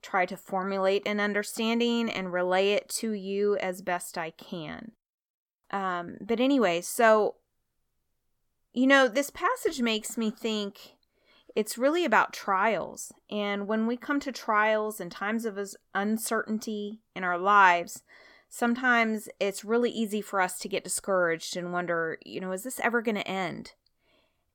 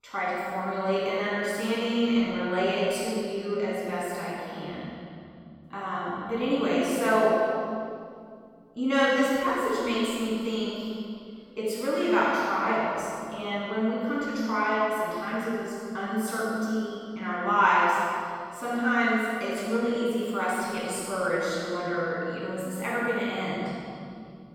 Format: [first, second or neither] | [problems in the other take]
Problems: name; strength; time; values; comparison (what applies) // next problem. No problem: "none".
first | off-mic speech; far // room echo; strong; dies away in 3 s